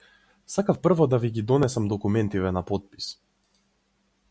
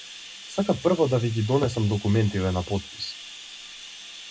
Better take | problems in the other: first | background sound (Bathtub (filling or washing)); 16 dB below the speech // room echo; dies away in 0.2 s

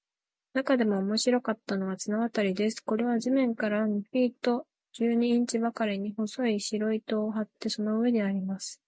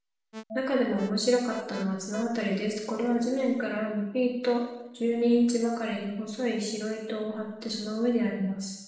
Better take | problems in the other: first | background sound (Alarm); 13 dB below the speech // room echo; dies away in 0.9 s

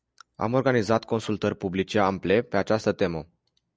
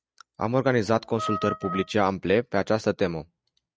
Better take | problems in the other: first | noise reduction (neural mask model RNNoise)

